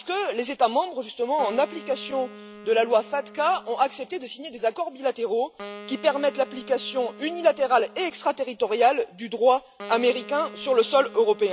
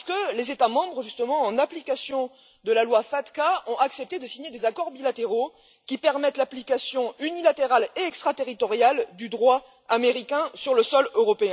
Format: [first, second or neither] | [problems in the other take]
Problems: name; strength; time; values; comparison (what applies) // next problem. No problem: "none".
second | background sound (Wind instrument, woodwind instrument); 19 dB below the speech